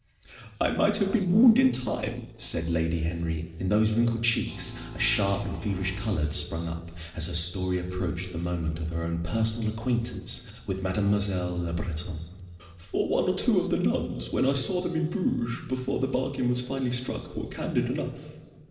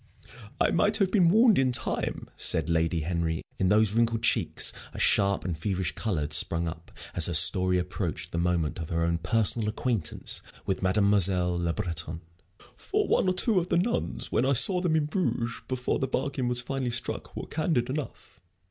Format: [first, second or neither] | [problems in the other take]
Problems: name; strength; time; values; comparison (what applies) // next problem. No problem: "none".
second | noise reduction (neural separator model SepFormer DNS4)